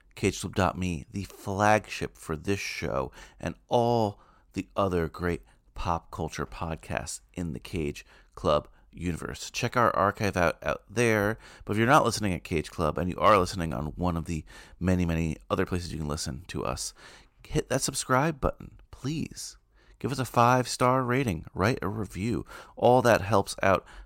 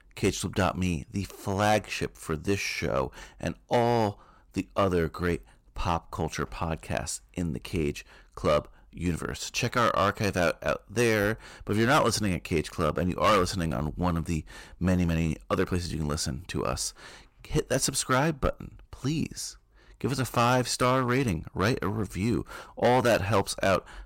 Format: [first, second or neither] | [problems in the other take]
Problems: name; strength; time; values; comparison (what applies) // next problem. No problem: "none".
first | distortion; heavy; 4% of the sound clipped